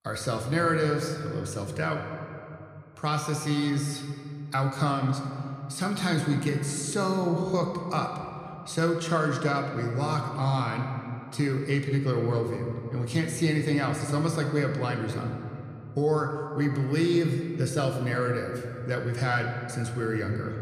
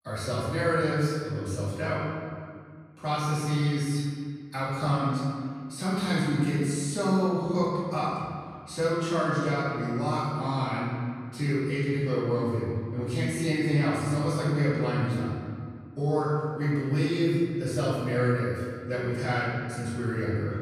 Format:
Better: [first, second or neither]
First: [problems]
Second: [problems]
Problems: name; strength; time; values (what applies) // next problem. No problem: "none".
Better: first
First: room echo; slight; dies away in 2.3 s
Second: room echo; strong; dies away in 1.9 s // off-mic speech; far